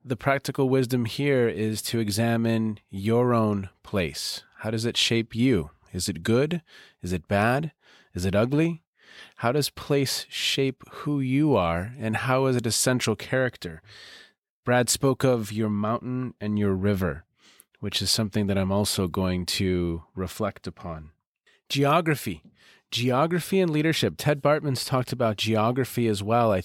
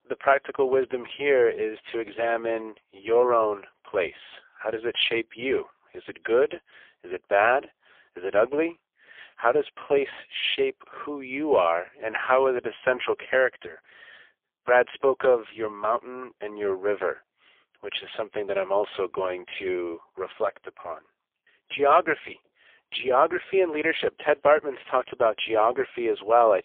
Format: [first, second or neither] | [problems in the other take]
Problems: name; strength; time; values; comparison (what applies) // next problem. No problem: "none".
first | phone-call audio; poor line; nothing above 3.5 kHz